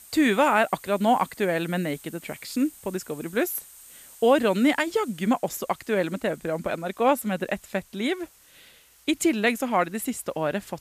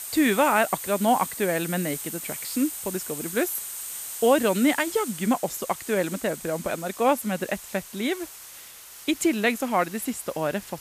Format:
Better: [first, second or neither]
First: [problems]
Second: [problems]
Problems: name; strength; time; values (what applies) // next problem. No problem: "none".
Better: first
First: hiss; faint; throughout; 20 dB below the speech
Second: hiss; loud; throughout; 9 dB below the speech